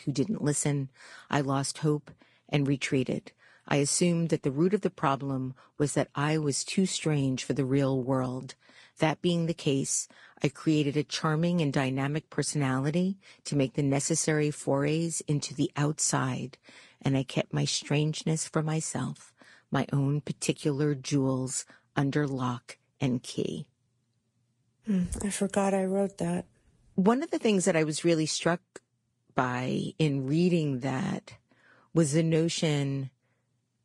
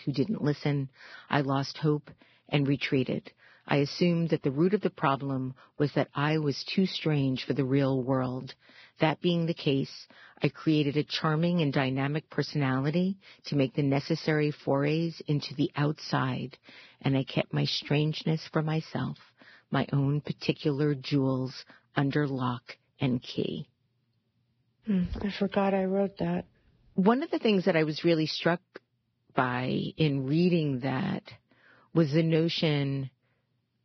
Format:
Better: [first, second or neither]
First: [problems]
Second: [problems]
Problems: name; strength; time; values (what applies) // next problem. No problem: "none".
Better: first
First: garbled, watery; slightly; nothing above 10 kHz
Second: garbled, watery; badly; nothing above 5.5 kHz